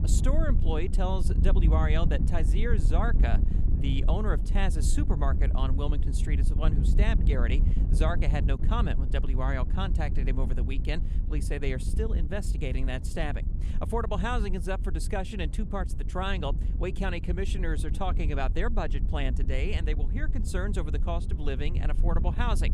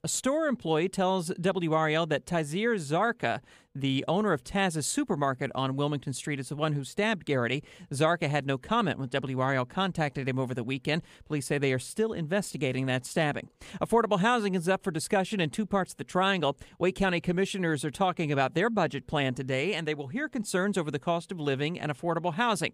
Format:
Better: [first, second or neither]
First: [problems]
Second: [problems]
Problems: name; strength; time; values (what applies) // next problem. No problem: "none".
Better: second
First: wind noise on the microphone; heavy; 10 dB below the speech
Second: none